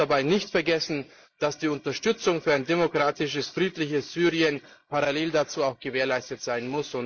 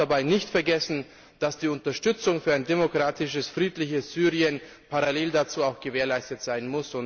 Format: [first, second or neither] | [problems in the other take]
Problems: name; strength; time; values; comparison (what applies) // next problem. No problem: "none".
second | noise reduction (neural mask model Resemble Enhance denoiser)